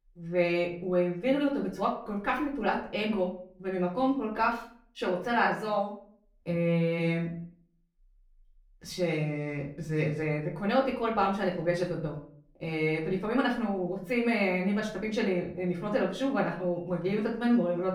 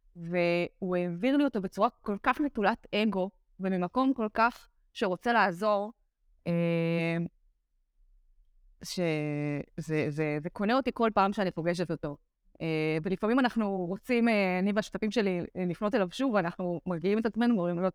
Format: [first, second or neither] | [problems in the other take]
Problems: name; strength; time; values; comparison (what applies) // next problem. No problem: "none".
second | off-mic speech; far // room echo; slight; dies away in 0.4 s